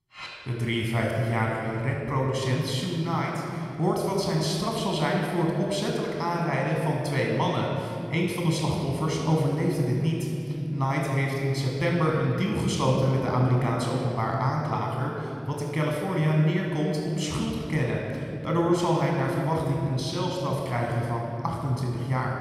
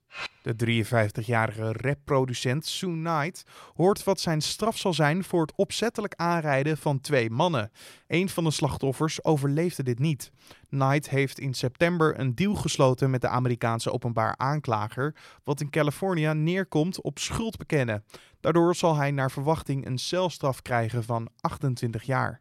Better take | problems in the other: second | room echo; noticeable; dies away in 2.6 s // off-mic speech; somewhat distant

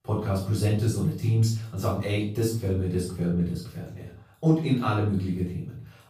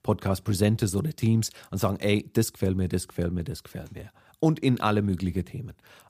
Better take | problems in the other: second | off-mic speech; far // room echo; noticeable; dies away in 0.4 s

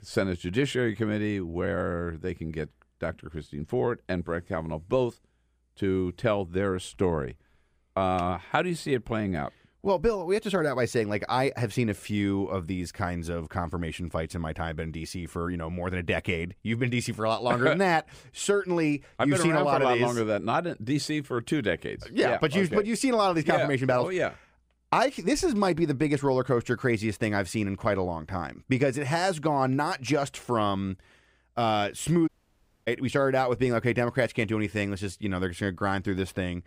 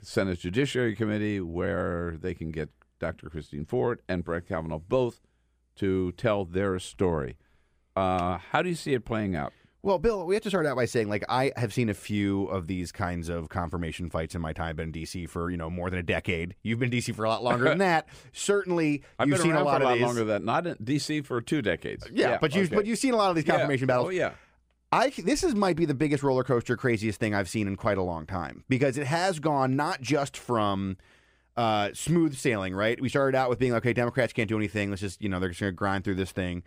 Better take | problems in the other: second | audio cutting out; at 32 s for 0.5 s

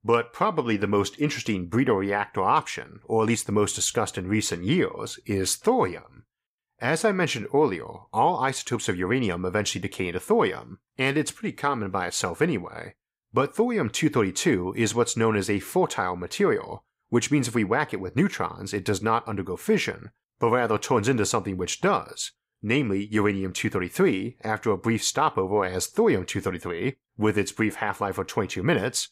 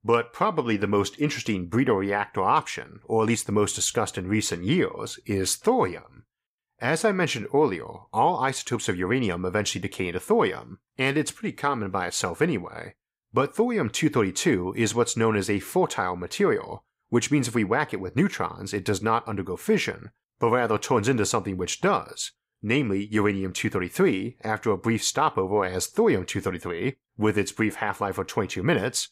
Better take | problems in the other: neither | none

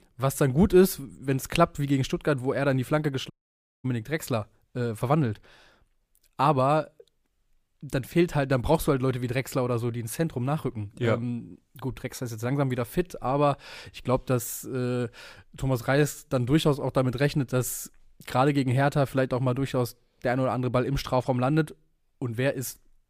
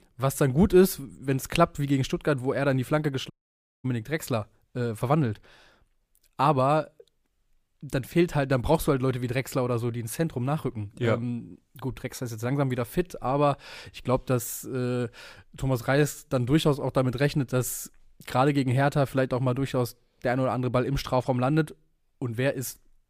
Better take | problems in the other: neither | audio cutting out; at 3.5 s for 0.5 s; the same in both

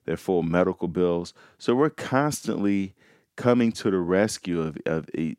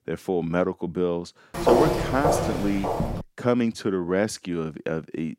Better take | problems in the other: first | footsteps; loud; from 1.5 to 3 s; peak 6 dB above the speech

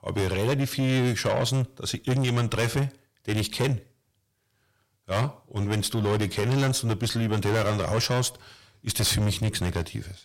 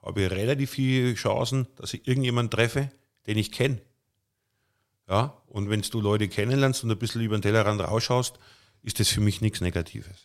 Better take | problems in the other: second | distortion; heavy; 6 dB below the speech

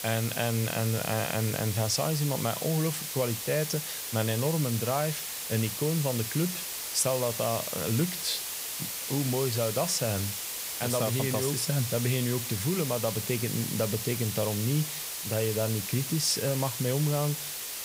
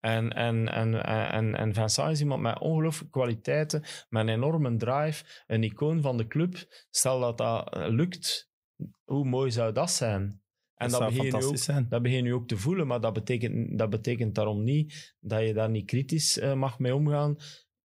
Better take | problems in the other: second | hiss; loud; throughout; 3 dB below the speech

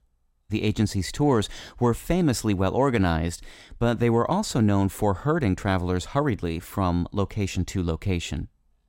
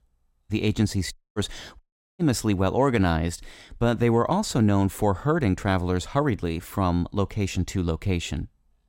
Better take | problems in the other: first | audio cutting out; at 1 s and at 2 s

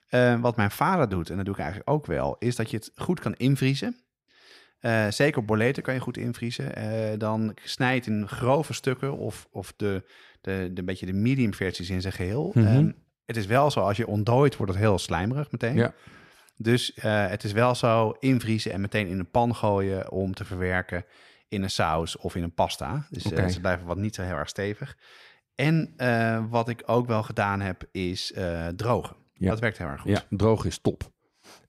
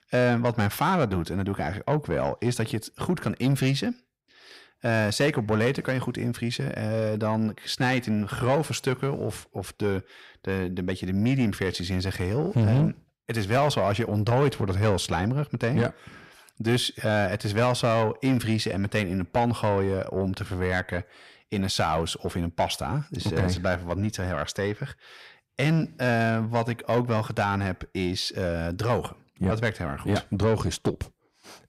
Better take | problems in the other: first | distortion; slight; 10 dB below the speech

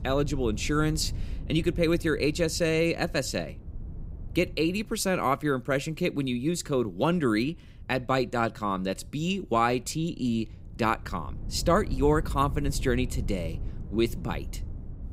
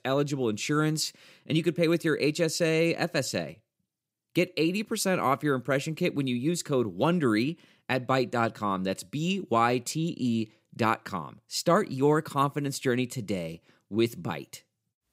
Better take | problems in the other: second | wind noise on the microphone; occasional gusts; 25 dB below the speech

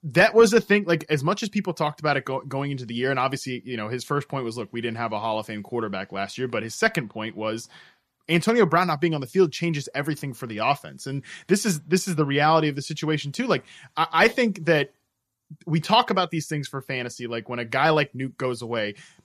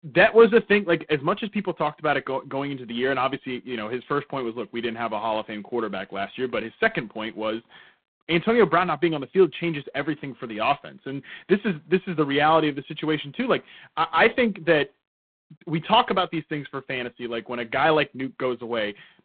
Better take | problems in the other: first | phone-call audio; poor line

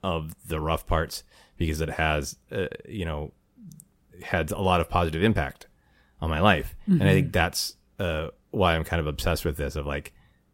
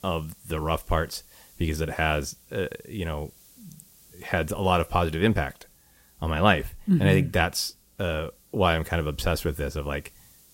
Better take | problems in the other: first | hiss; faint; throughout; 25 dB below the speech

